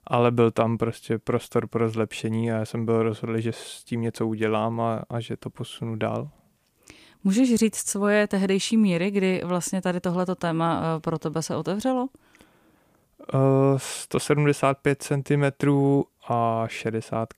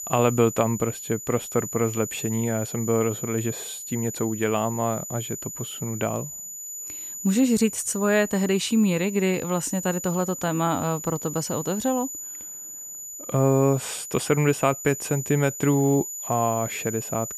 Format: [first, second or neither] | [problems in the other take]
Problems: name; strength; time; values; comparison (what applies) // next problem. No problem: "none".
first | high-pitched whine; loud; throughout; 7 kHz, 9 dB below the speech